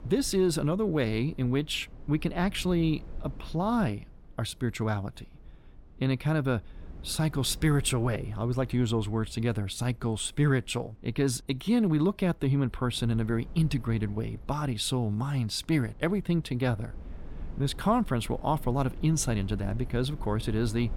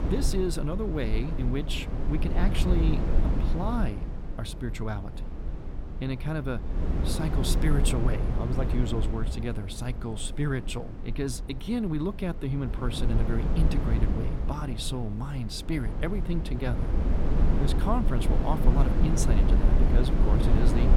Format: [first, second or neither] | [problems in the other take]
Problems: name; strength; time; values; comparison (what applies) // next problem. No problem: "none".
first | low rumble; loud; throughout; 3 dB below the speech; faint in the first